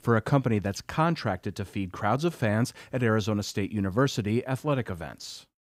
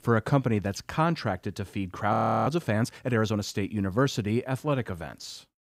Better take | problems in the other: first | audio freezing; at 2 s

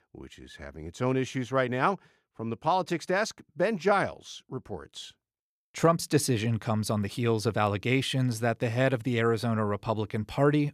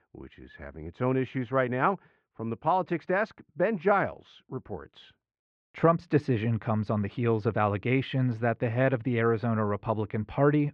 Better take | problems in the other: first | muffled; very; fading above 2.5 kHz

